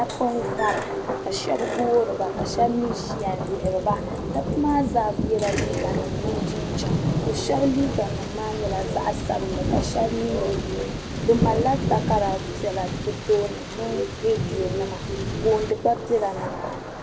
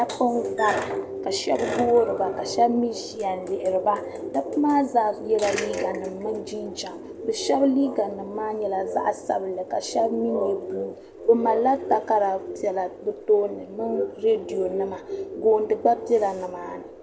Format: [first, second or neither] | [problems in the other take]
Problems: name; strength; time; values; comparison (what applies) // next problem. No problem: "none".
second | background sound (Thunder); 4 dB below the speech